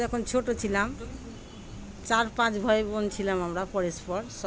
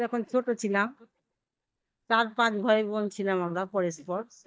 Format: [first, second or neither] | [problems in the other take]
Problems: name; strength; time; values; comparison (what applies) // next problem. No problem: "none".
first | noise reduction (neural mask model DeepFilterNet 3)